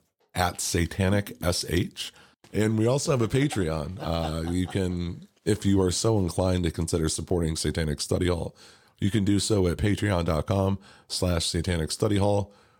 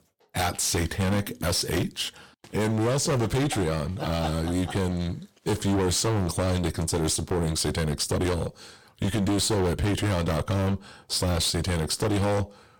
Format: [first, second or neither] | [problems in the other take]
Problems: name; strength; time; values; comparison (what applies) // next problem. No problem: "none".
first | distortion; heavy; 20% of the sound clipped